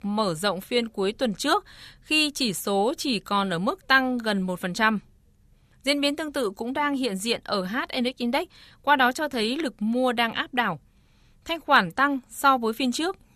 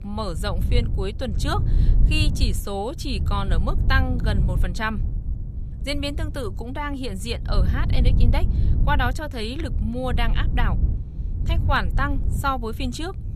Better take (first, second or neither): first